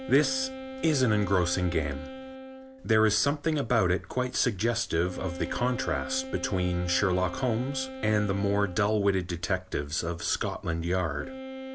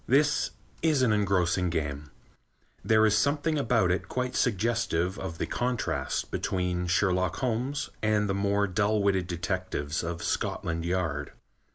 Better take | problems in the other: second | background sound (Wind instrument, woodwind instrument); 13 dB below the speech

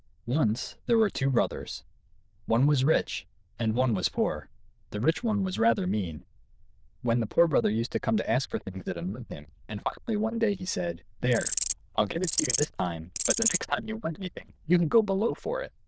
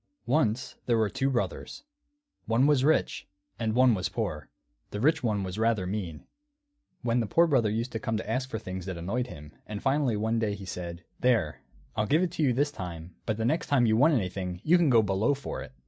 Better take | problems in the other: second | noise reduction (neural diffusion model UNIVERSE++)

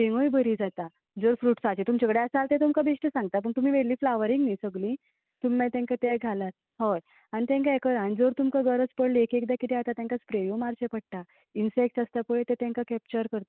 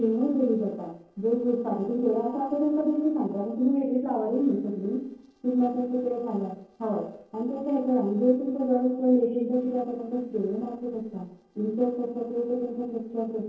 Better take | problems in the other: first | noise reduction (neural separator model SepFormer DNS4)

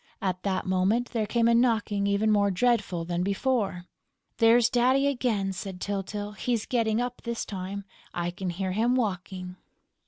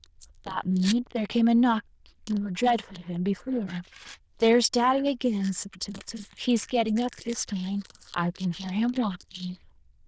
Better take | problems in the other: first | noise reduction (neural diffusion model UNIVERSE++)

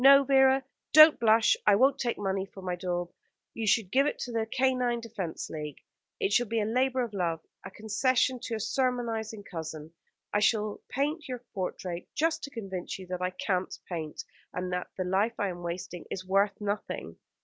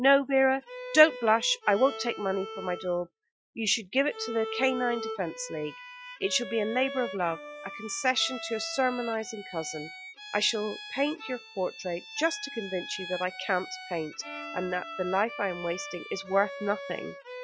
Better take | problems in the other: first | noise reduction (classical method Wiener filter)

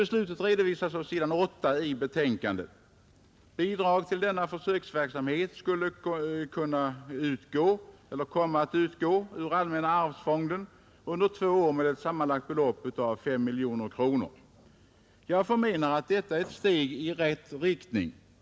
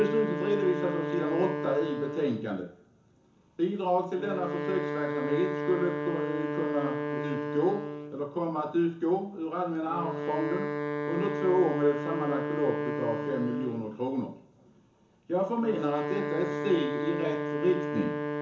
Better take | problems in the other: first | background sound (Wind instrument, woodwind instrument); 3 dB below the speech // room echo; dies away in 0.7 s

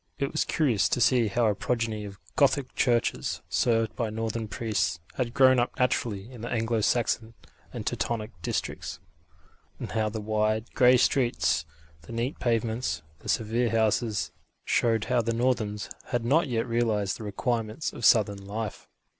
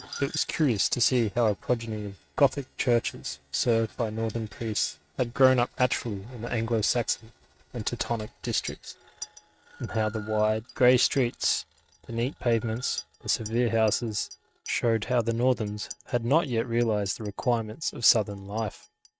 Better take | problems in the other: first | noise reduction (neural mask model RNNoise)

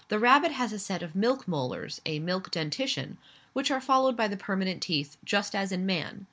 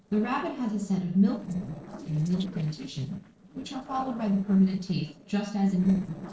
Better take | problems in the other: first | noise reduction (neural separator model SepFormer DNS4)

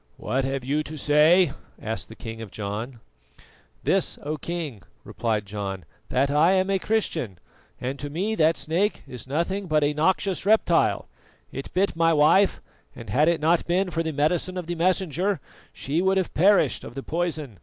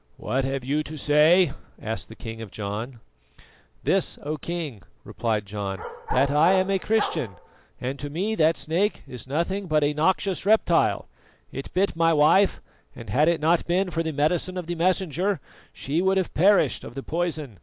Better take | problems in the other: first | background sound (Bark); 10 dB below the speech

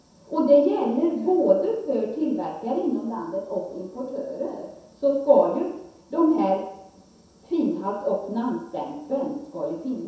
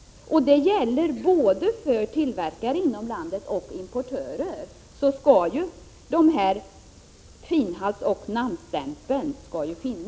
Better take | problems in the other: second | room echo; dies away in 0.7 s

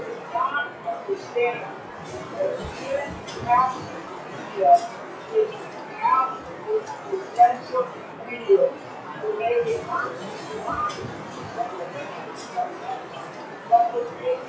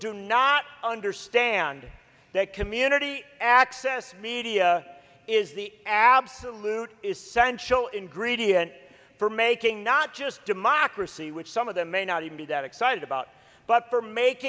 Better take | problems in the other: second | noise reduction (classical method WPE with log-MMSE)

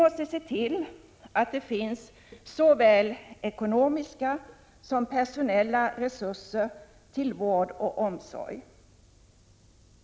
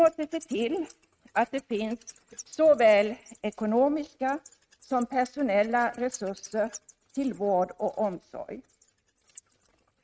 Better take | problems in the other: first | noise reduction (neural mask model RNNoise)

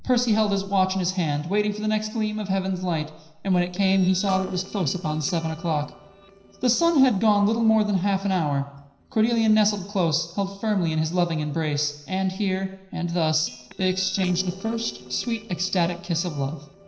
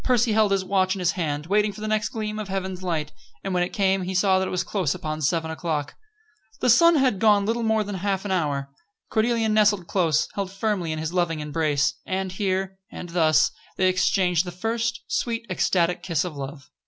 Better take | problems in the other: second | noise reduction (neural separator model SepFormer DNS4)

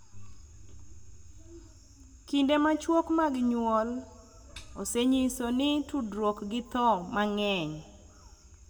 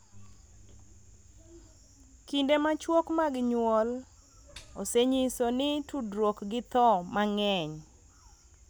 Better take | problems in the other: second | room echo; dies away in 1.1 s

